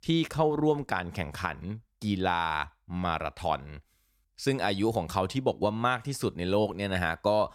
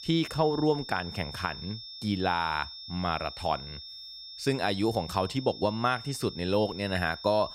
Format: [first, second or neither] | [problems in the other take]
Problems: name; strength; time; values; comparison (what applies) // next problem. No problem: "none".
first | high-pitched whine; noticeable; throughout; 5.5 kHz, 10 dB below the speech